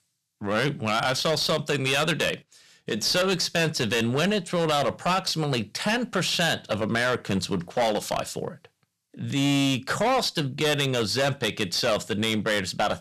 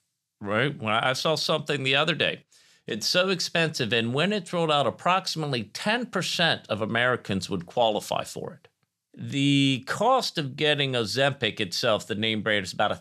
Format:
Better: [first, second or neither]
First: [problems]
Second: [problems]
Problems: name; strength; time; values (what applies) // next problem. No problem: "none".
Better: second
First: distortion; heavy; 13% of the sound clipped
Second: none